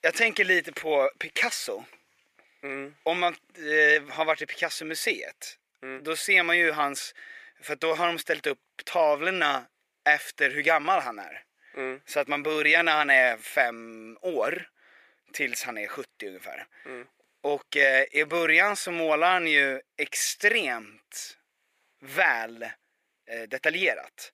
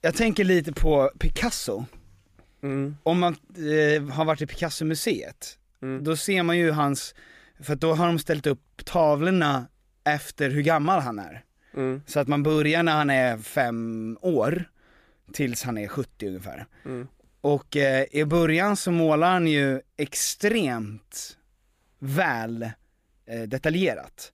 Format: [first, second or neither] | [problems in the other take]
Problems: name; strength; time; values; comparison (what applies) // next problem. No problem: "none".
second | thin; very; fading below 550 Hz